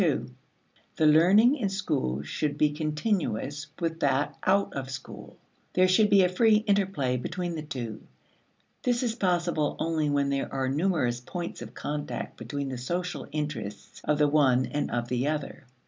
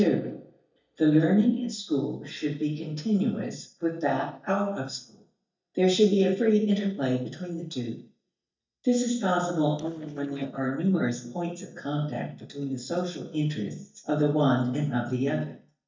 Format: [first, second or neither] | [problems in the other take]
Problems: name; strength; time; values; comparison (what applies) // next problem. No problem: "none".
first | noise reduction (neural mask model DeepFilterNet 3)